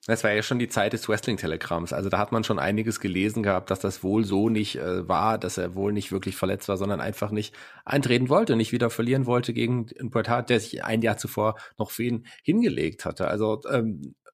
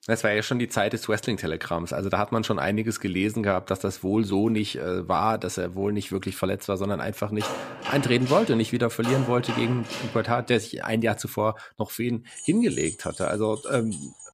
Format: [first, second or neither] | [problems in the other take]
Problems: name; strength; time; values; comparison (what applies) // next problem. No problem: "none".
first | door banging; noticeable; from 7.5 to 10 s; peak 6 dB below the speech // jangling keys; noticeable; from 12 s on; peak 8 dB below the speech